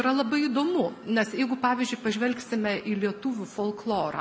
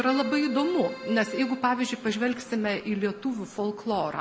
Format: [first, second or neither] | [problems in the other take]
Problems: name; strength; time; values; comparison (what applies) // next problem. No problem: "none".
first | background sound (Keyboard (musical)); 11 dB below the speech